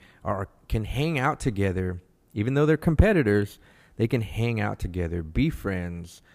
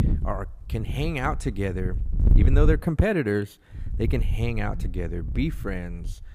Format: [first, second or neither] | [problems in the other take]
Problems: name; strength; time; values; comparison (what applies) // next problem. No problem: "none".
first | wind noise on the microphone; occasional gusts; until 2.5 s and from 4 s on; 10 dB below the speech